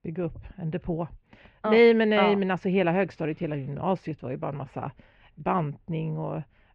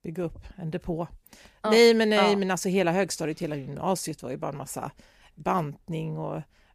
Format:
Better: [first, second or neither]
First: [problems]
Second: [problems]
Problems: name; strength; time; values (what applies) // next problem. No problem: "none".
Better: second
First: muffled; very; fading above 2.5 kHz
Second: none